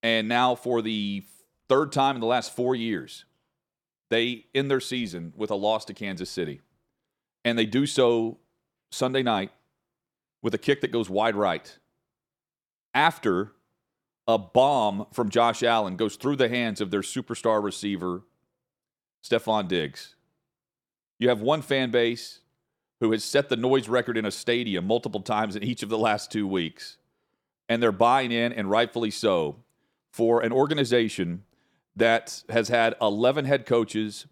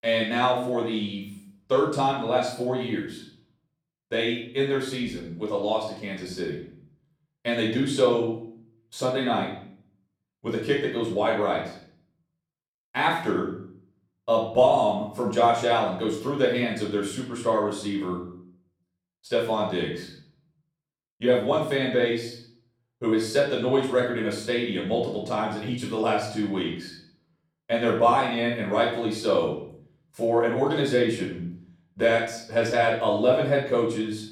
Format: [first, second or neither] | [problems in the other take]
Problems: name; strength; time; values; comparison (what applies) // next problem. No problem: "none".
first | room echo; noticeable; dies away in 0.5 s // off-mic speech; far